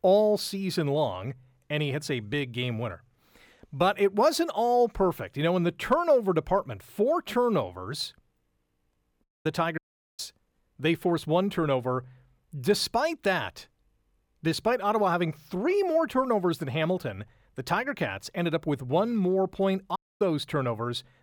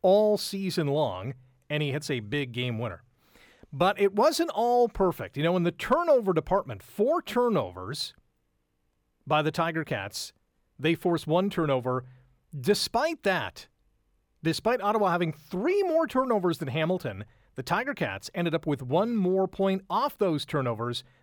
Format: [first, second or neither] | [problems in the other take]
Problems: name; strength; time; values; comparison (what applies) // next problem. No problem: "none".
second | audio cutting out; at 9 s, at 10 s and at 20 s